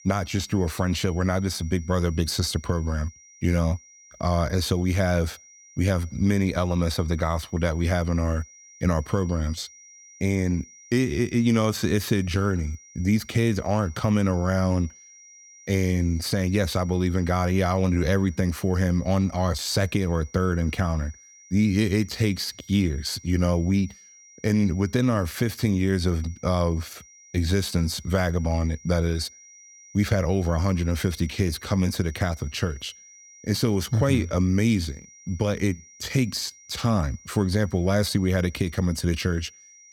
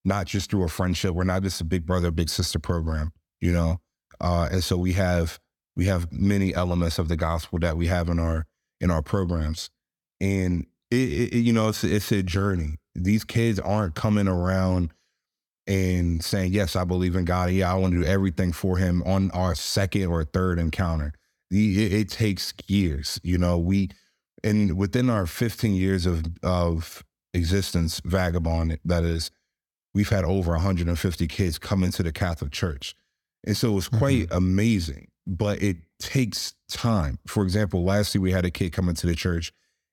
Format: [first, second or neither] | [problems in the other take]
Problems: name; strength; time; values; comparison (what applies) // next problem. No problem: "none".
second | high-pitched whine; faint; throughout; 5.5 kHz, 25 dB below the speech